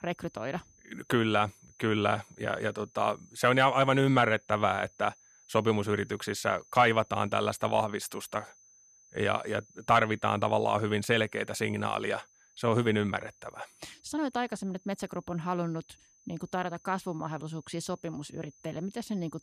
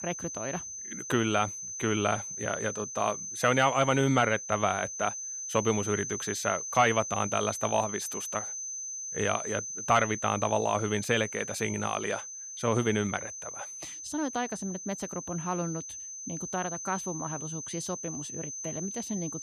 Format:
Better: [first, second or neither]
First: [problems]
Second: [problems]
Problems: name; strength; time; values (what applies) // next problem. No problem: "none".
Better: first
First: high-pitched whine; faint; throughout; 6 kHz, 30 dB below the speech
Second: high-pitched whine; loud; throughout; 6 kHz, 6 dB below the speech